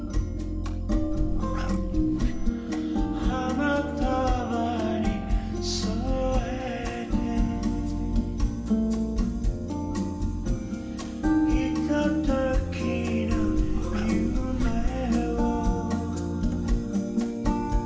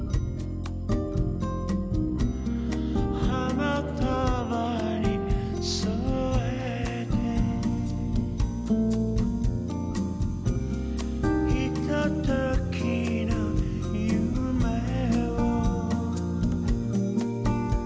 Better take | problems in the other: second | background sound (Meow); 5 dB below the speech // room echo; dies away in 0.7 s

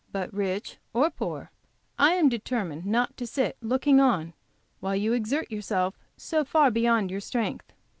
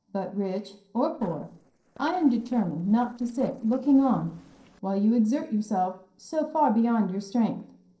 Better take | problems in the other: first | noise reduction (neural separator model SepFormer DNS4)

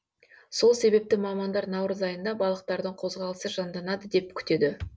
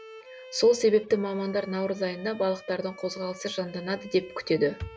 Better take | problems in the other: first | background sound (Bowed string instrument); 19 dB below the speech

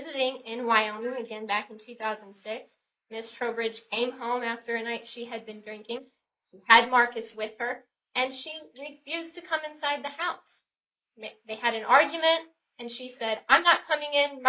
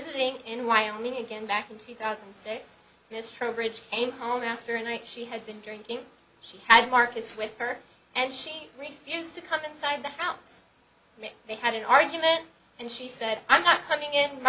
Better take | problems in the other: second | noise reduction (neural mask model Resemble Enhance denoiser)

